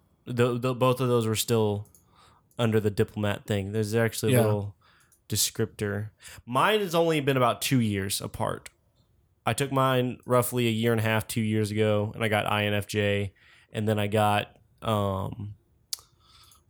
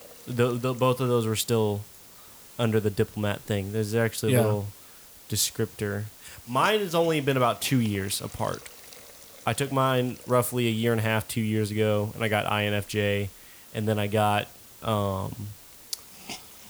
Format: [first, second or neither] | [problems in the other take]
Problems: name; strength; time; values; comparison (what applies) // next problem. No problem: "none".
first | hiss; noticeable; throughout; 20 dB below the speech